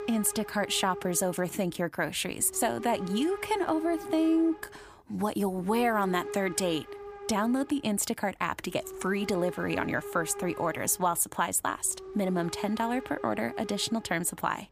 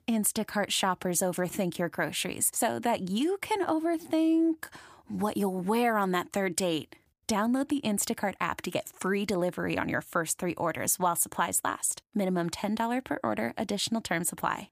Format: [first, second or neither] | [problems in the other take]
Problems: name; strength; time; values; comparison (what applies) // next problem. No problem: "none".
second | hiss; noticeable; throughout; 15 dB below the speech